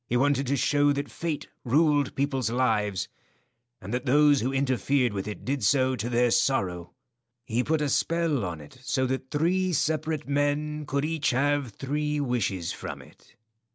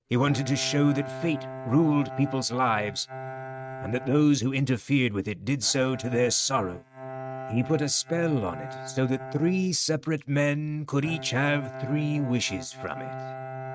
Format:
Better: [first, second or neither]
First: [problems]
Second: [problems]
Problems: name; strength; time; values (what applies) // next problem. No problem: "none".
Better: first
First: none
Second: noise reduction (neural mask model RNNoise)